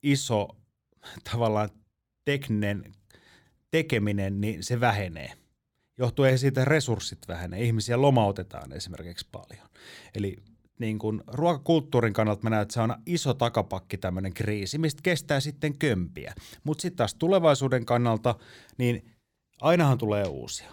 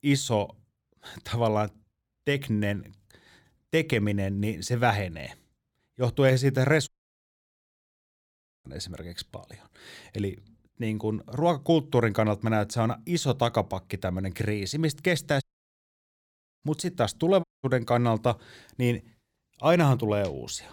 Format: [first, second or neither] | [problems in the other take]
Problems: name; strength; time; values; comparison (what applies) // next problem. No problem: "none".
first | audio cutting out; at 7 s for 2 s, at 15 s for 1 s and at 17 s